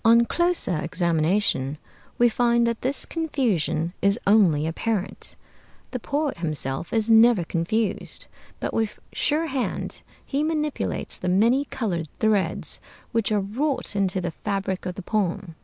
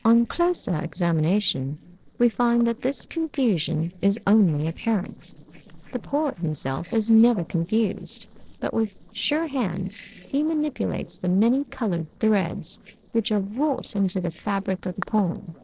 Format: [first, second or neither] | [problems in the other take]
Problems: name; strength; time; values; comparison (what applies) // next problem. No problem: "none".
first | noise reduction (neural separator model SepFormer DNS4)